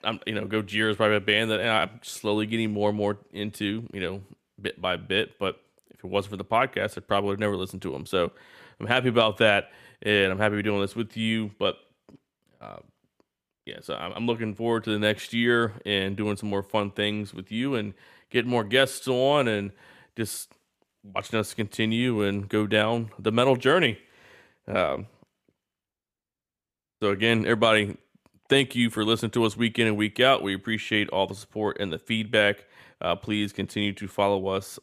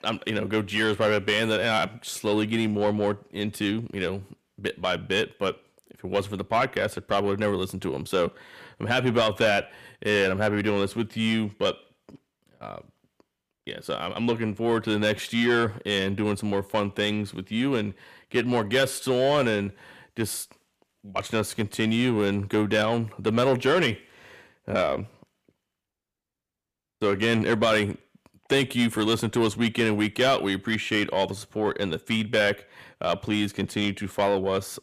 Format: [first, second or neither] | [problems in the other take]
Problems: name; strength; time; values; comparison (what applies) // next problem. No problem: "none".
first | distortion; slight; 10 dB below the speech